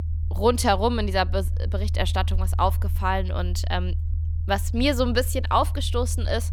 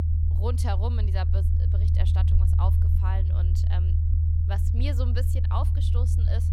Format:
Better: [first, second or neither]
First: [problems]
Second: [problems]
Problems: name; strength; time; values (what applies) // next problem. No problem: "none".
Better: first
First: low rumble; faint; throughout; 20 dB below the speech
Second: low rumble; loud; throughout; 2 dB below the speech